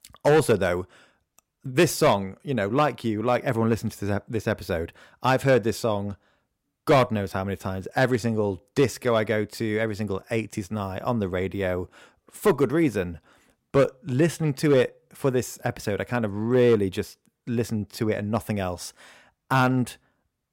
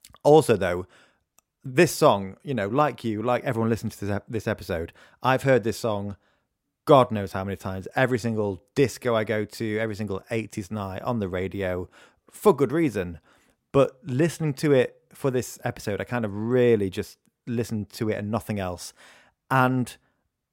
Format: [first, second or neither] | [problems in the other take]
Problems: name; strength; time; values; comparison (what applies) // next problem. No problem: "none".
second | distortion; slight; 2% of the sound clipped